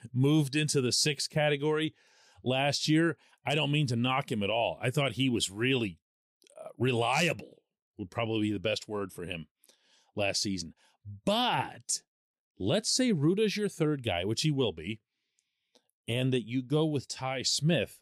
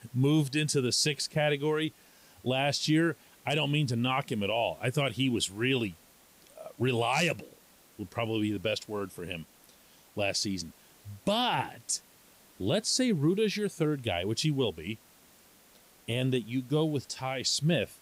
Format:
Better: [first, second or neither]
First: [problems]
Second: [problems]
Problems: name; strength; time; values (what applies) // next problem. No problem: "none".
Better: first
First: none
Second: hiss; faint; throughout; 25 dB below the speech